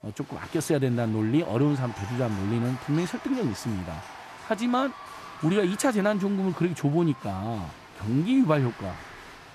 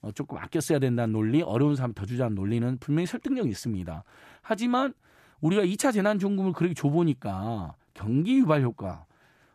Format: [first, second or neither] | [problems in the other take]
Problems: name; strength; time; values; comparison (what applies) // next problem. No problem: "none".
second | crowd noise; noticeable; throughout; 15 dB below the speech